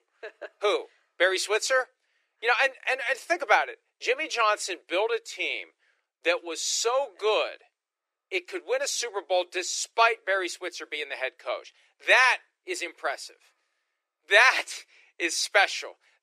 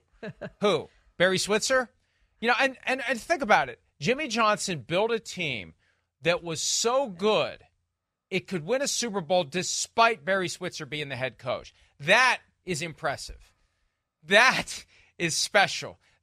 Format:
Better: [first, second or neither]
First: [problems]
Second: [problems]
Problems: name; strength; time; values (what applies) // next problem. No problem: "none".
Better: second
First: thin; very; fading below 350 Hz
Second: none